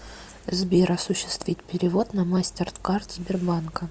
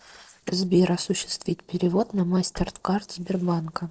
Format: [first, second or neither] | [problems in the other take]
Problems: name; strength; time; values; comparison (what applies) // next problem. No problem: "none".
first | noise reduction (neural separator model SepFormer DNS4)